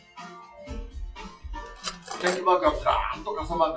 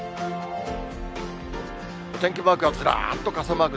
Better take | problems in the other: second | noise reduction (classical method WPE with log-MMSE)

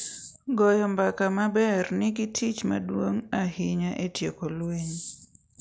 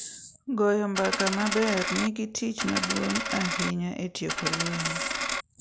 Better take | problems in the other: first | background sound (Coin (dropping)); 1 dB below the speech

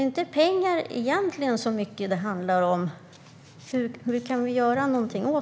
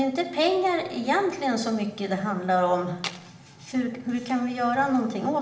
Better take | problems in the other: first | background sound (Tools); 11 dB below the speech // room echo; dies away in 0.7 s

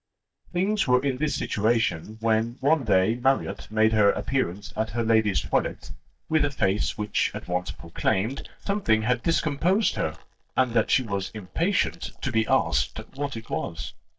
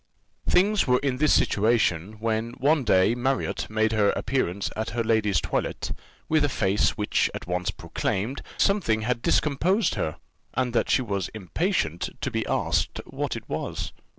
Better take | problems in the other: second | noise reduction (neural mask model DeepFilterNet 3)

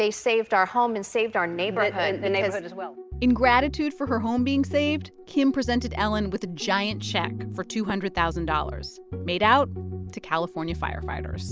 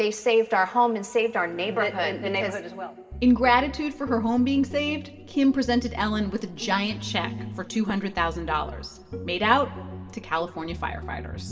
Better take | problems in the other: first | room echo; dies away in 2.1 s

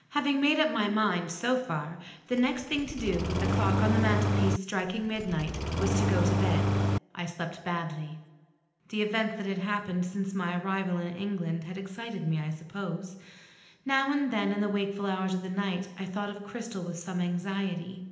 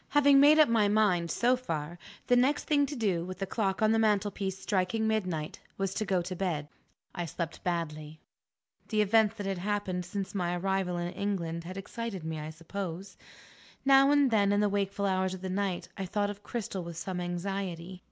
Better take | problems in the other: second | background sound (Engine starting); 2 dB above the speech // room echo; dies away in 0.9 s

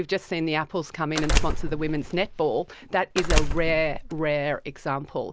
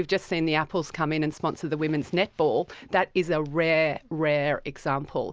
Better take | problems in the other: second | background sound (Door); 1 dB above the speech

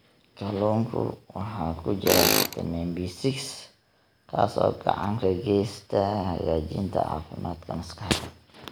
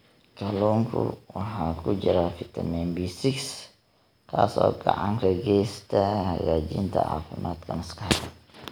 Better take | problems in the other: second | background sound (Tools); 2 dB below the speech

